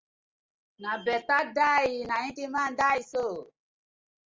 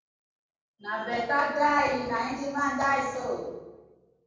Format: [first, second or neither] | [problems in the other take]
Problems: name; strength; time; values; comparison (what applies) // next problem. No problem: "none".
first | room echo; dies away in 1.2 s